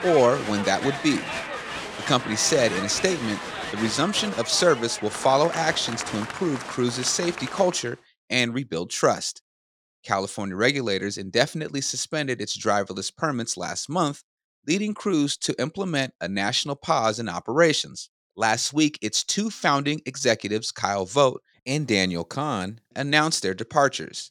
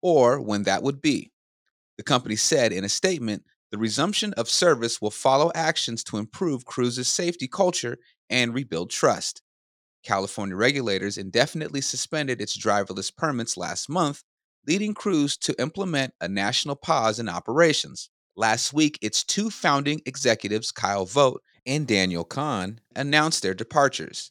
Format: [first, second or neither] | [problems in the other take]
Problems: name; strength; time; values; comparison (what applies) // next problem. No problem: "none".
second | crowd noise; loud; until 8 s; 8 dB below the speech